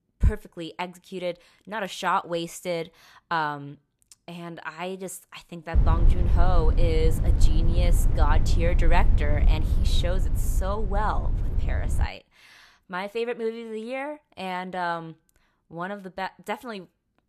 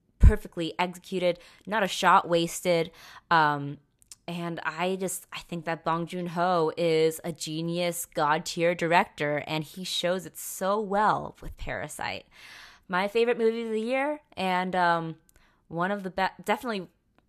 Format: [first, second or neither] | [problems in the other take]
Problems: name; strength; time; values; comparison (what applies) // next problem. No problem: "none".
second | low rumble; noticeable; from 5.5 to 12 s; 10 dB below the speech